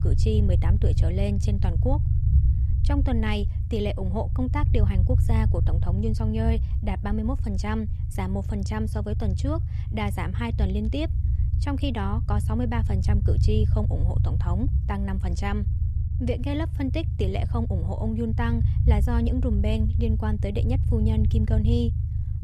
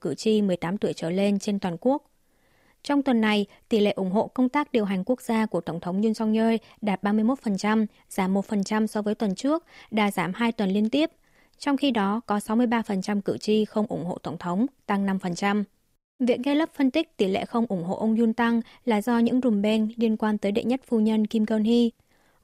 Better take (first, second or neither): second